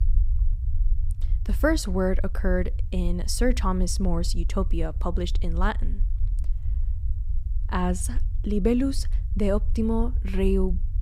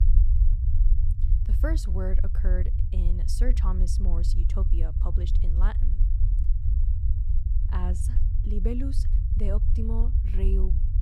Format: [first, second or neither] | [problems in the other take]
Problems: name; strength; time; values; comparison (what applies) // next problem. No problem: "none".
first | low rumble; loud; throughout; 6 dB below the speech; faint in the first